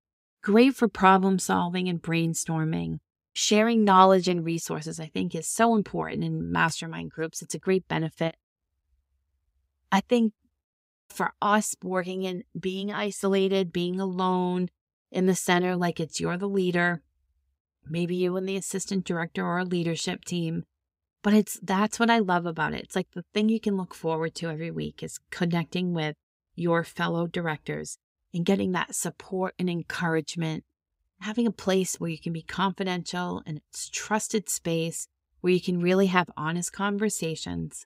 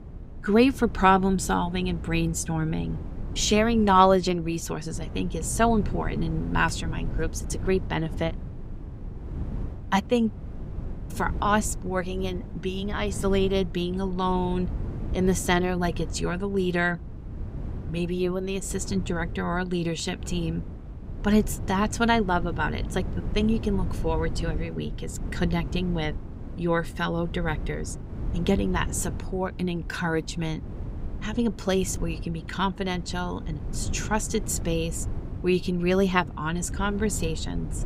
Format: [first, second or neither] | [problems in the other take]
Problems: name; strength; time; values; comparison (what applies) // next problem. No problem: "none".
first | wind noise on the microphone; occasional gusts; 20 dB below the speech